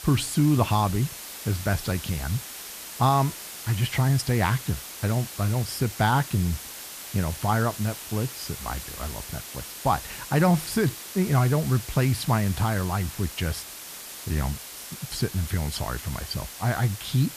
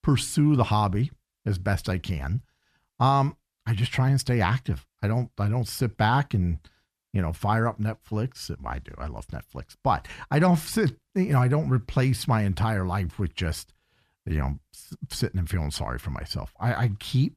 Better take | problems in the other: second | hiss; noticeable; throughout; 10 dB below the speech

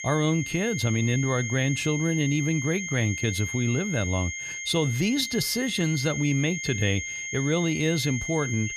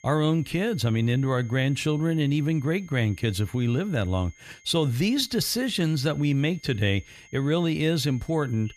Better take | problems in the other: second | high-pitched whine; loud; throughout; 2 kHz, 5 dB below the speech; faint in the second

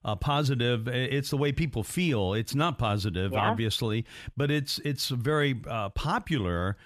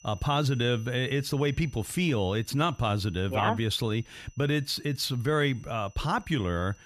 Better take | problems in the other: first | high-pitched whine; faint; throughout; 6 kHz, 25 dB below the speech

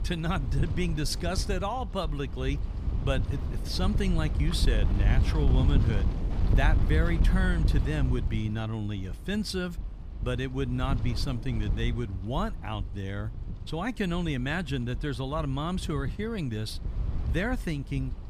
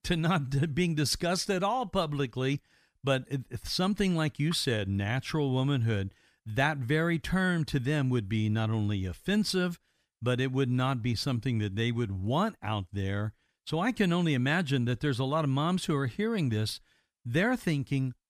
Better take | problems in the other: second | wind noise on the microphone; occasional gusts; 10 dB below the speech

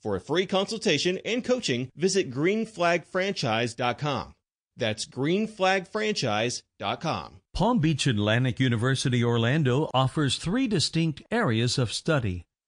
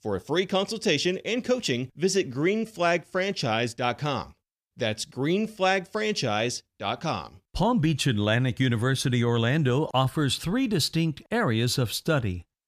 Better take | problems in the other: second | garbled, watery; slightly

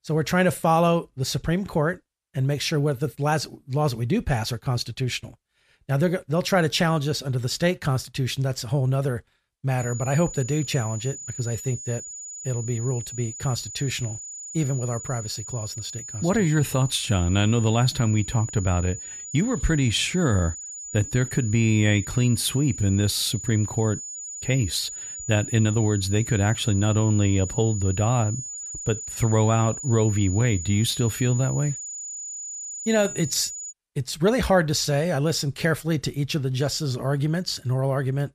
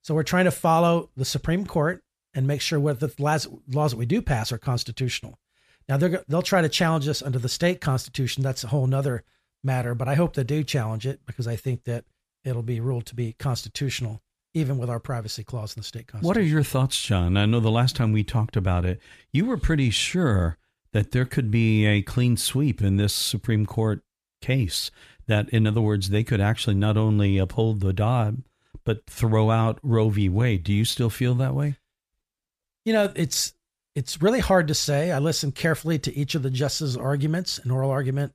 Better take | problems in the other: second | high-pitched whine; loud; from 10 to 34 s; 7 kHz, 9 dB below the speech

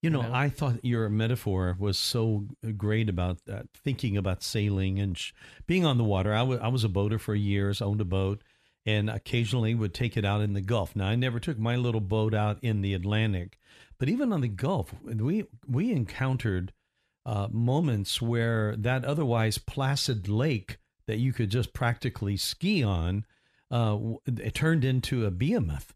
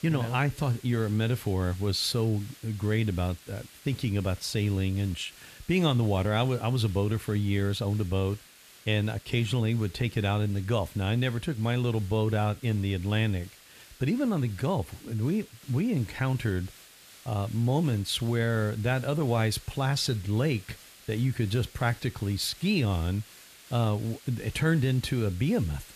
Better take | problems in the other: first | hiss; faint; throughout; 20 dB below the speech

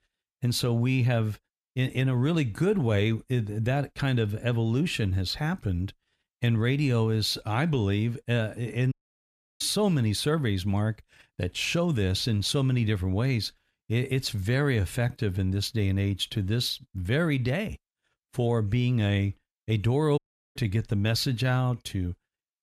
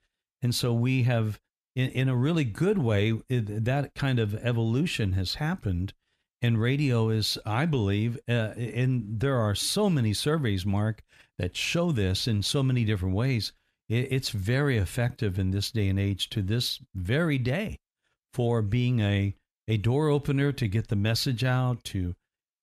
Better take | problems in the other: second | audio cutting out; at 9 s for 0.5 s and at 20 s

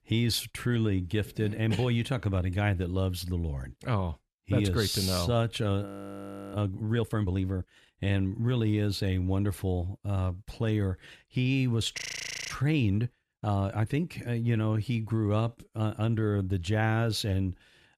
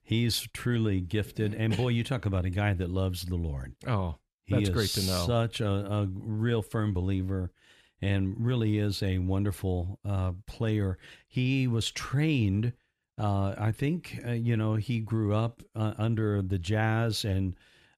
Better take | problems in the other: second | audio freezing; at 6 s for 0.5 s and at 12 s for 0.5 s

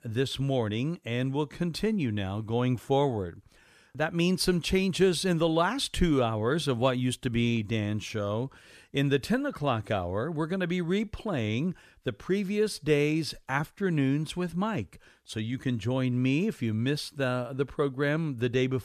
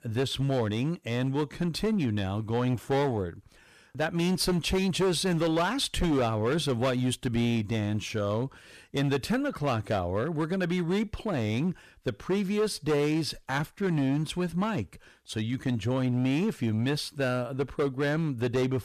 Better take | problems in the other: first | distortion; slight; 10% of the sound clipped

